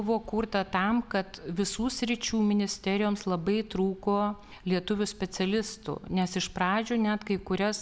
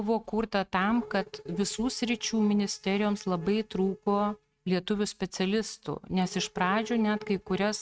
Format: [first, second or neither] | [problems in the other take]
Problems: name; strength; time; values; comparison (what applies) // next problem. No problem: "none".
first | noise reduction (neural mask model RNNoise)